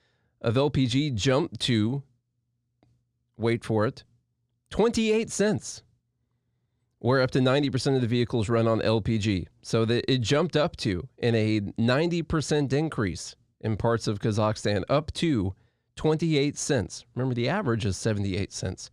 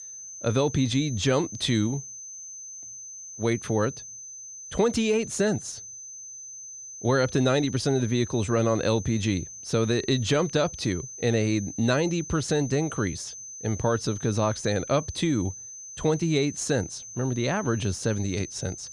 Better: first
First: none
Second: high-pitched whine; noticeable; throughout; 6 kHz, 10 dB below the speech

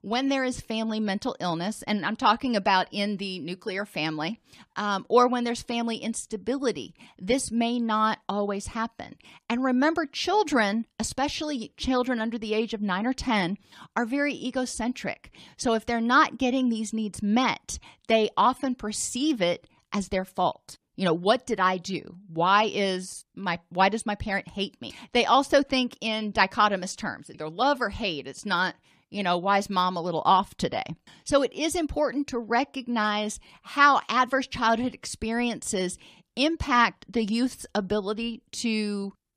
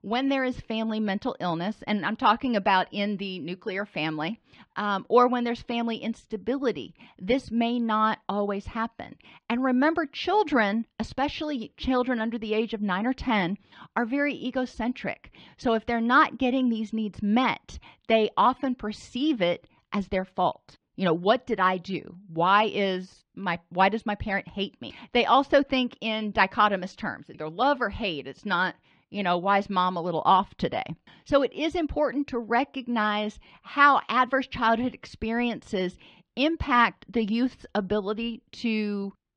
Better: first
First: none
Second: muffled; slightly; fading above 3.5 kHz

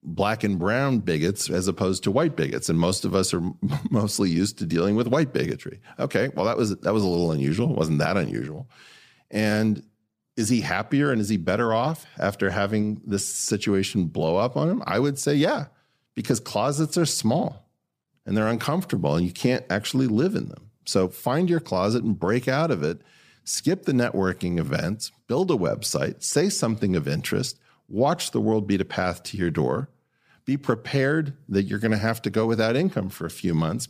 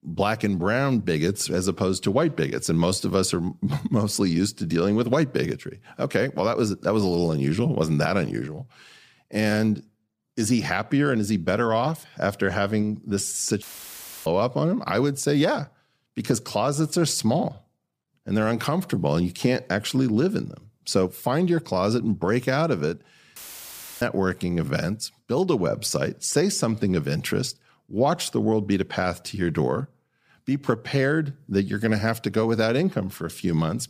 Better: first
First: none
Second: audio cutting out; filled with static; at 14 s for 0.5 s and at 23 s for 0.5 s

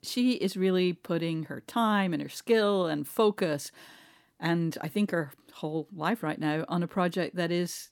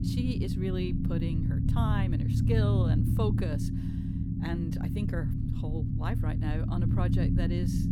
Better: first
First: none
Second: low rumble; loud; throughout; 1 dB below the speech

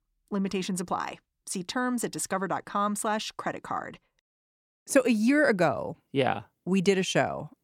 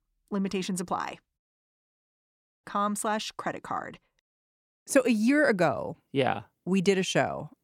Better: first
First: none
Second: audio cutting out; at 1.5 s for 1.5 s

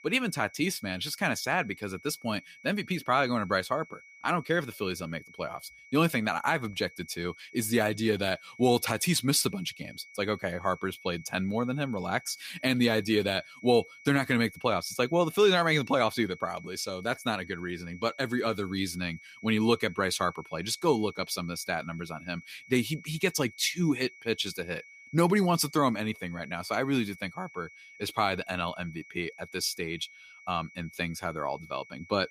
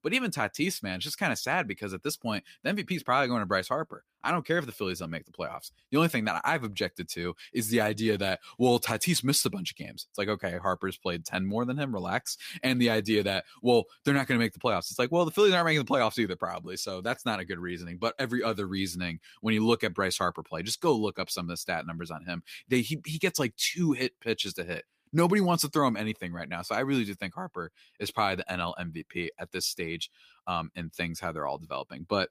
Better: second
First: high-pitched whine; faint; throughout; 2 kHz, 20 dB below the speech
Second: none

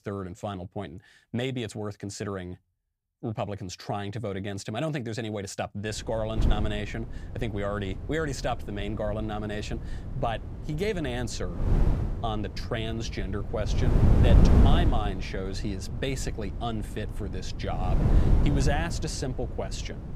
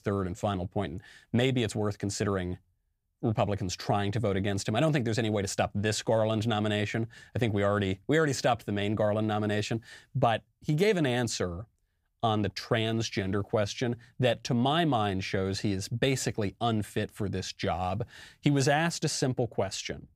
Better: second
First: wind noise on the microphone; heavy; from 6 s on; 5 dB below the speech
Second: none

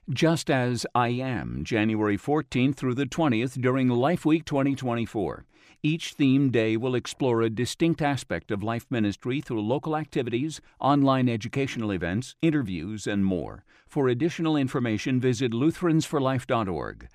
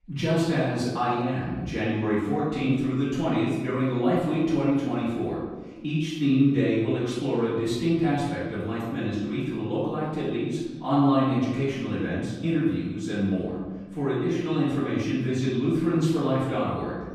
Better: first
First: none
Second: off-mic speech; far // room echo; strong; dies away in 1.1 s

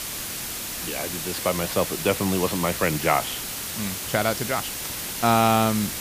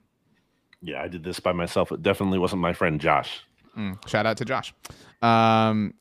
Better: second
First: hiss; loud; throughout; 4 dB below the speech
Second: none

